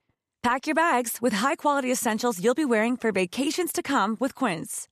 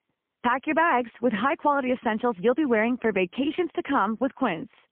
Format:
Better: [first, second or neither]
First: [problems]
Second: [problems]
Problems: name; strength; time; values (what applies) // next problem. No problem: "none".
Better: first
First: none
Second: phone-call audio; poor line; nothing above 3 kHz